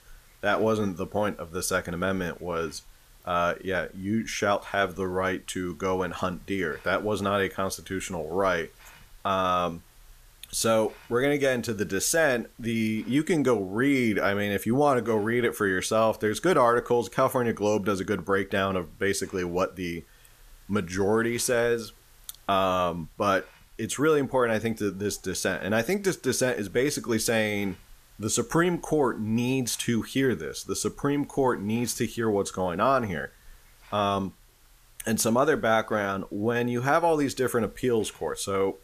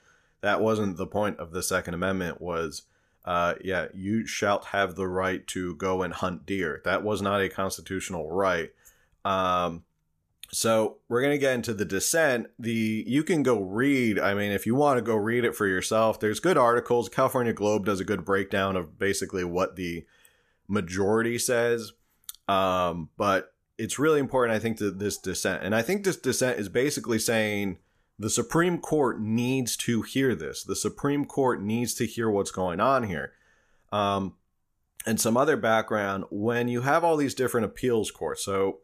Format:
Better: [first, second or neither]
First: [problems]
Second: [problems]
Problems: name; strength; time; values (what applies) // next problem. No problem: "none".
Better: second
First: hiss; faint; throughout; 30 dB below the speech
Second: none